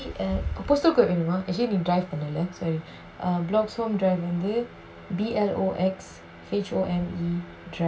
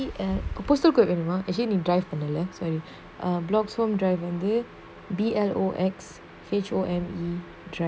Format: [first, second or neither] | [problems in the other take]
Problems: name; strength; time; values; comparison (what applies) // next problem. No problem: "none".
second | room echo; dies away in 0.2 s